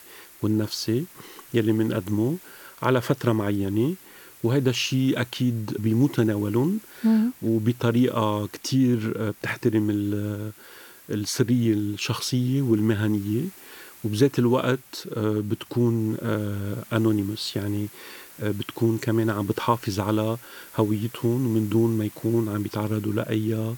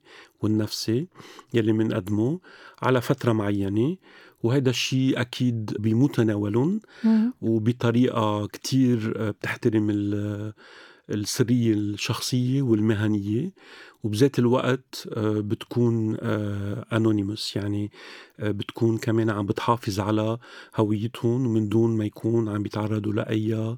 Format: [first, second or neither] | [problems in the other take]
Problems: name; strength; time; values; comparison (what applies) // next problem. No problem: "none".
second | hiss; faint; throughout; 20 dB below the speech